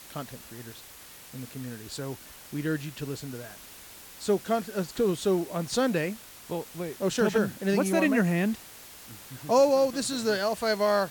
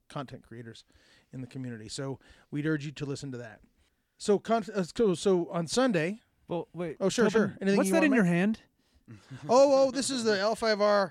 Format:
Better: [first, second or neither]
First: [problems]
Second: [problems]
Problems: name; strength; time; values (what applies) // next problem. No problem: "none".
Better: second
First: hiss; noticeable; throughout; 15 dB below the speech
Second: none